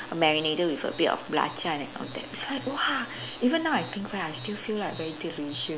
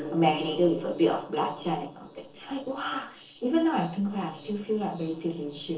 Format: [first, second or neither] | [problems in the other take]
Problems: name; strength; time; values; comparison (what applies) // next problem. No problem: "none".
first | noise reduction (neural separator model SepFormer DNS4)